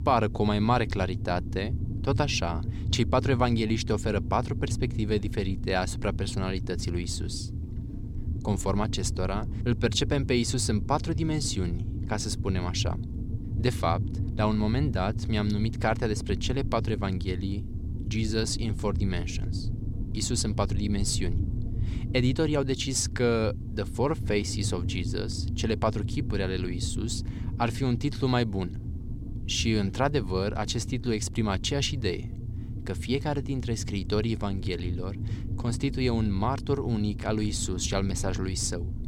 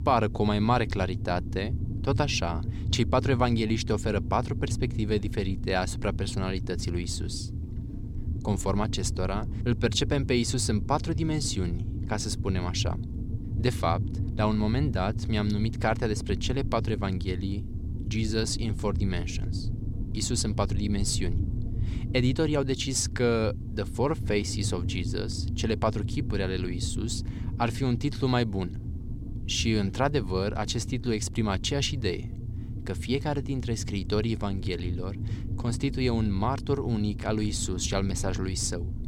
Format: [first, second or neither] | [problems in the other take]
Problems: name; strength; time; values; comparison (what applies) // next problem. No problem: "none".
neither | low rumble; noticeable; throughout; 15 dB below the speech; the same in both